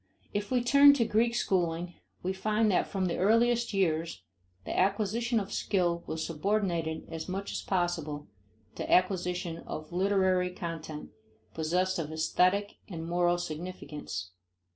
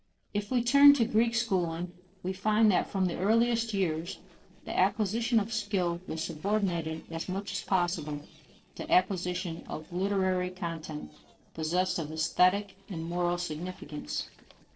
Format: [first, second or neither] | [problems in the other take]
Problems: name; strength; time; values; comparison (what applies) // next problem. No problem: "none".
first | noise reduction (neural separator model SepFormer DNS4)